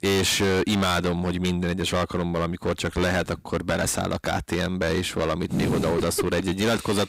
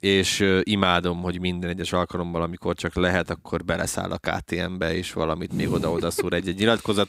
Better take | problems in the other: second | distortion; heavy; 18% of the sound clipped

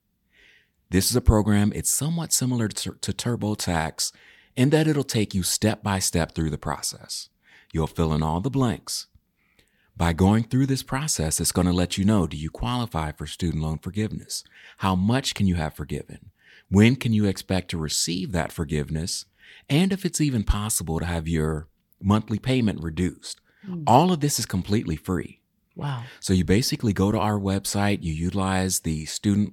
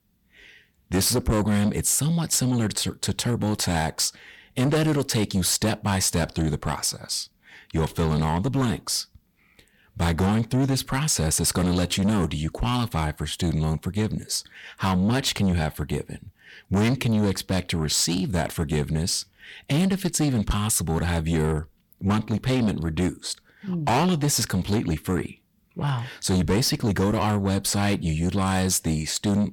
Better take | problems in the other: first | distortion; heavy; 7 dB below the speech

